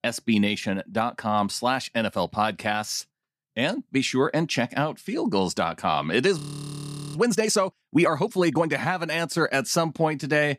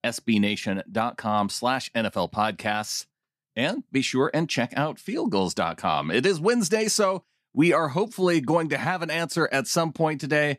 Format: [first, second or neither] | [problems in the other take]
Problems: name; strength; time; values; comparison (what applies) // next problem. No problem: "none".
second | audio freezing; at 6.5 s for 1 s